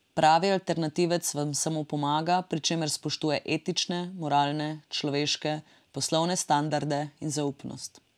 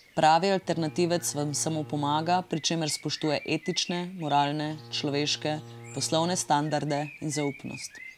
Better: first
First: none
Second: background sound (Bowed string instrument + Bird); 18 dB below the speech

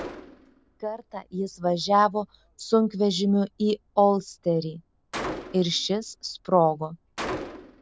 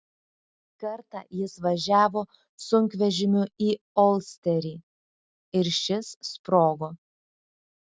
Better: second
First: background sound (Gunshot, gunfire); 15 dB below the speech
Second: none

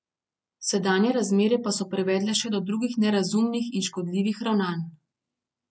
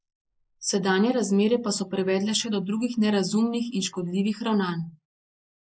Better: first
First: none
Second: noise reduction (neural mask model Resemble Enhance denoiser)

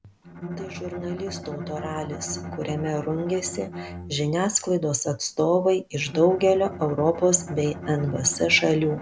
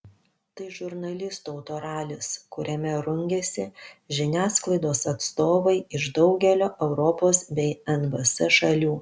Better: second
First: background sound (Bowed string instrument); 12 dB below the speech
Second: none

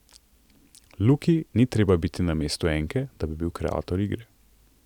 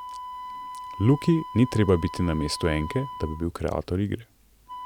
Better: first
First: none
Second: background sound (Wind instrument, woodwind instrument); 13 dB below the speech

